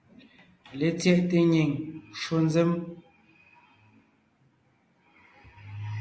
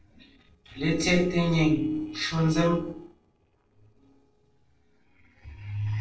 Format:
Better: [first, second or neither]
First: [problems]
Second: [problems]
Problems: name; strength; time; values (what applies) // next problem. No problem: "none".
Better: first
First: none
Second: noise reduction (neural separator model SepFormer DNS4)